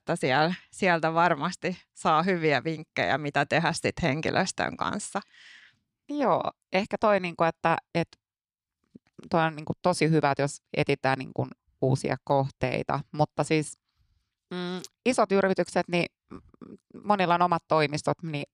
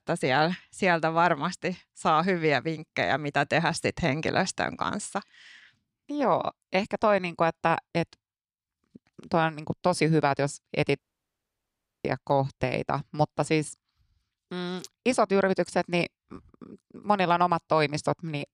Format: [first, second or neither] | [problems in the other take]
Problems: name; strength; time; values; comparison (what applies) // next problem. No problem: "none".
first | audio cutting out; at 11 s for 1 s